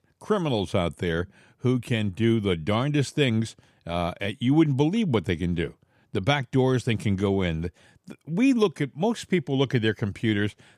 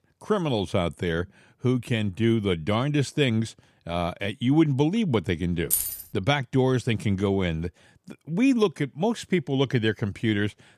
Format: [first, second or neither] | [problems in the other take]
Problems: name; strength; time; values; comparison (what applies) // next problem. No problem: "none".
first | jangling keys; loud; at 5.5 s; peak 1 dB above the speech